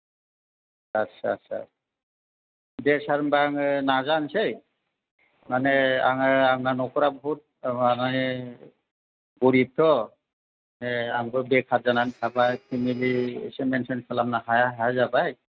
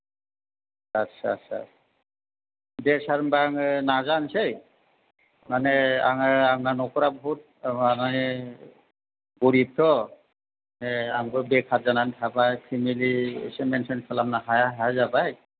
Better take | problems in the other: second | noise reduction (neural mask model RNNoise)

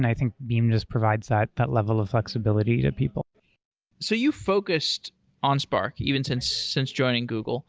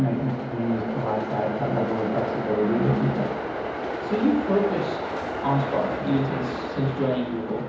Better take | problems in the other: first | background sound (Train); 4 dB below the speech // room echo; dies away in 1.2 s

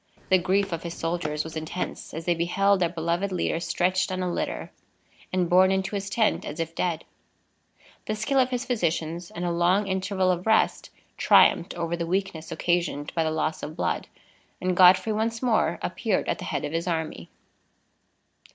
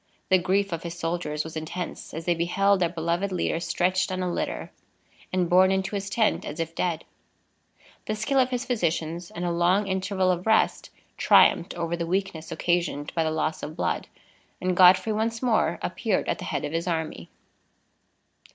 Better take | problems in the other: second | background sound (Run); 13 dB below the speech

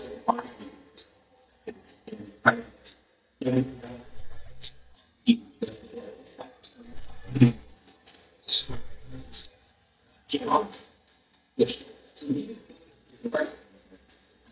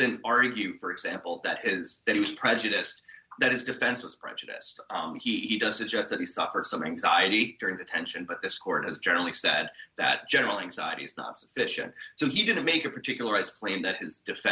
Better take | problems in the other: second | noise reduction (neural mask model DeepFilterNet 3)

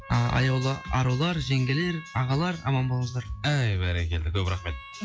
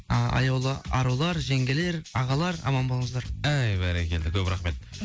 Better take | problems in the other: second | noise reduction (classical method log-MMSE)

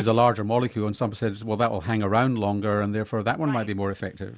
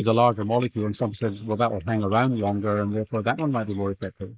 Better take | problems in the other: first | noise reduction (neural mask model Resemble Enhance denoiser)

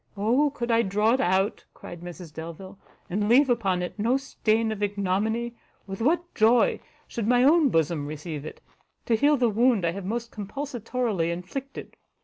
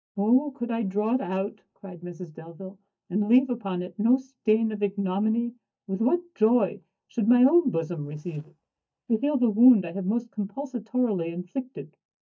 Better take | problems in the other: first | noise reduction (neural mask model DeepFilterNet 3)

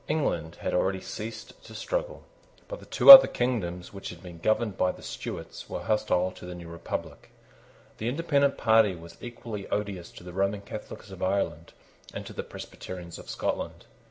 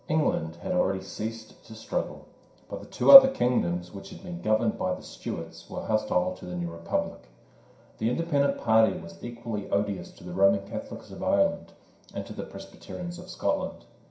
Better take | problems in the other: first | room echo; dies away in 0.5 s

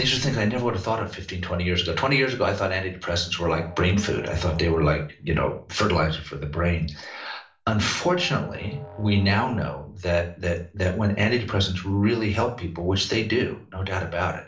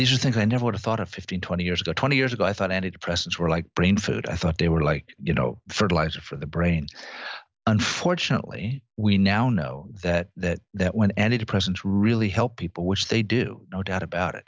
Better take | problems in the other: second | background sound (Musical instrument); 19 dB below the speech // room echo; dies away in 0.3 s

